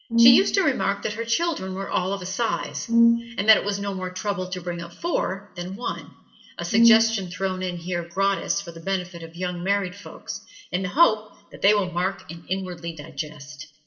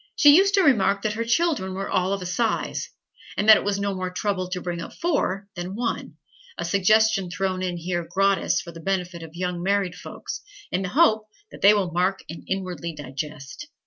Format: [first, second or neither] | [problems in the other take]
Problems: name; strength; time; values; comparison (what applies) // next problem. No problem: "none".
second | background sound (Brass instrument); 5 dB above the speech // room echo; dies away in 0.7 s